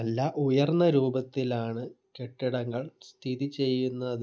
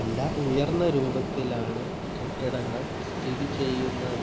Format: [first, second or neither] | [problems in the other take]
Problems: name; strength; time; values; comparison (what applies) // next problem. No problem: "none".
first | background sound (Ocean); 2 dB below the speech